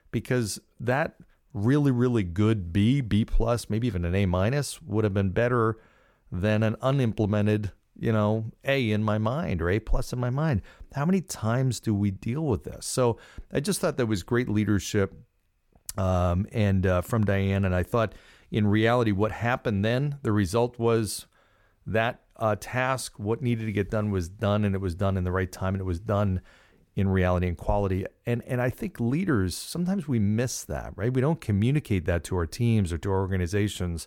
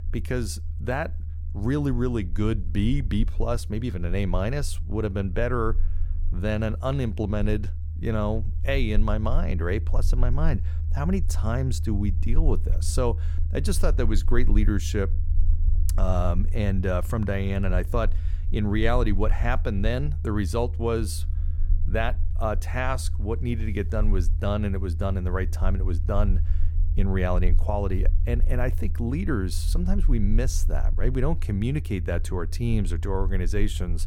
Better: first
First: none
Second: low rumble; noticeable; throughout; 15 dB below the speech

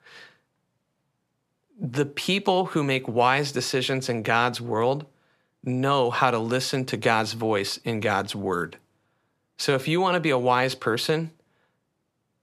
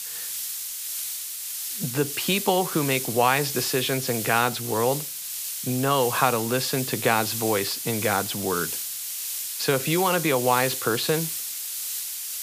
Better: first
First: none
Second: hiss; loud; throughout; 4 dB below the speech

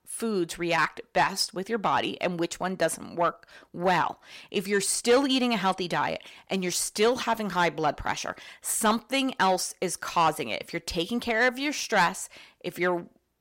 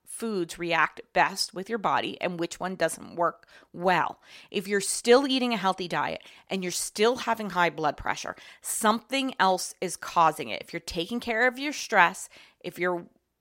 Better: second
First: distortion; slight; 10 dB below the speech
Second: none

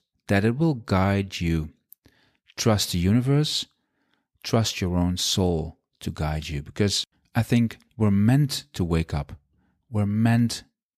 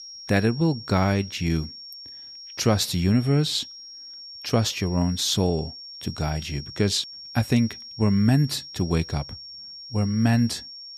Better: first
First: none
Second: high-pitched whine; noticeable; throughout; 5.5 kHz, 15 dB below the speech

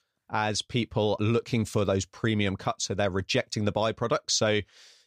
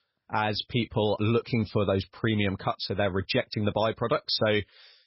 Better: first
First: none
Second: garbled, watery; badly; nothing above 5.5 kHz

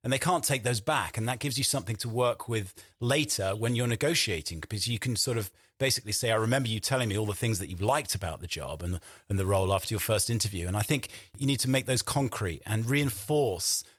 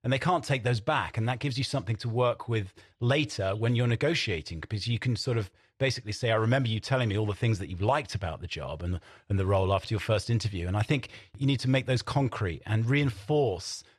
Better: first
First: none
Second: muffled; very slightly; fading above 3.5 kHz

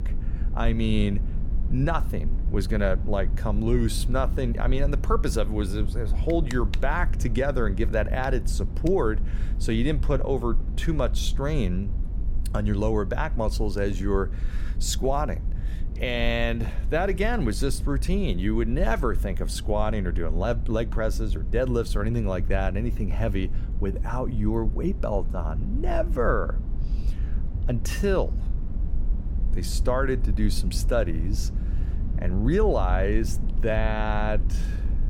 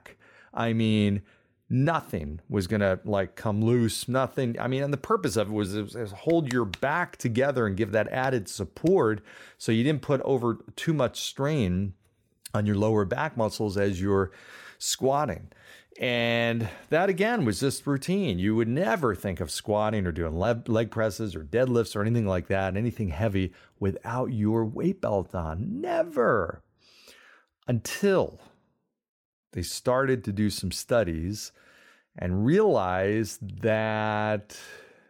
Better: second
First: low rumble; noticeable; throughout; 15 dB below the speech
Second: none

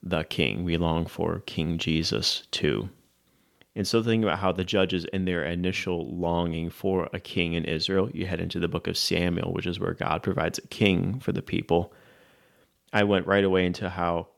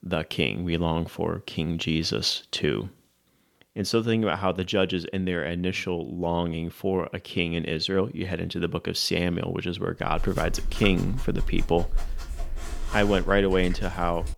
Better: first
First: none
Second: dog barking; noticeable; from 10 s on; peak 8 dB below the speech

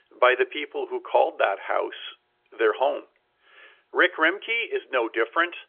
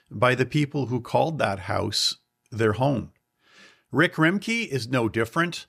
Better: second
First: phone-call audio; nothing above 3.5 kHz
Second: none

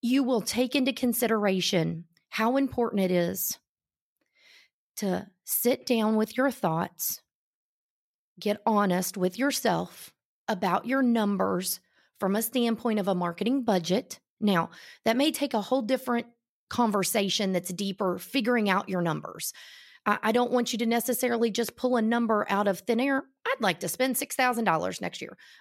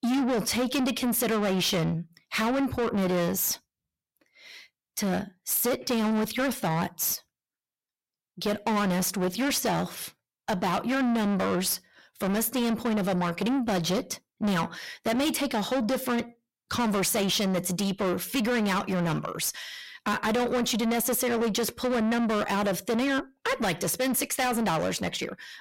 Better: first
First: none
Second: distortion; heavy; 6 dB below the speech

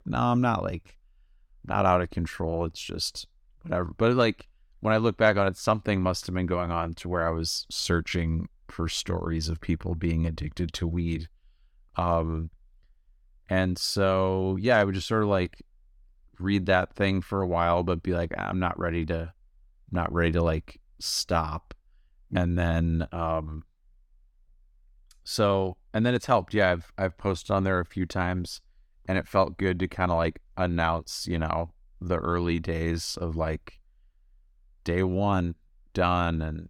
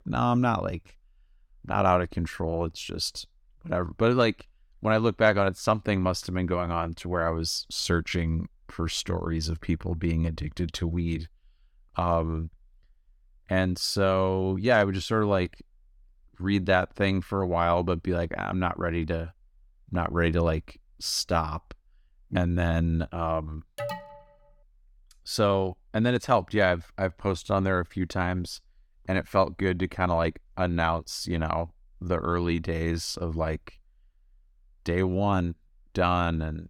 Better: first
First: none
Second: alarm; noticeable; at 24 s; peak 8 dB below the speech

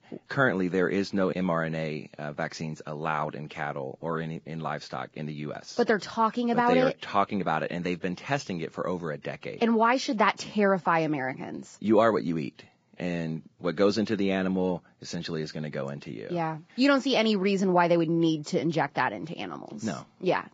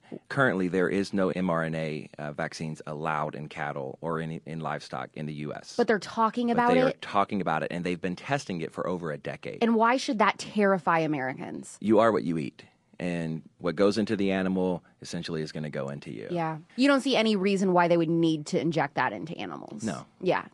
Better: second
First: garbled, watery; badly; nothing above 7.5 kHz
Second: garbled, watery; slightly; nothing above 10.5 kHz

